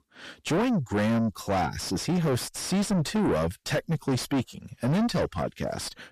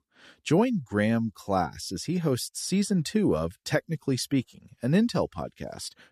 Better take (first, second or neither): second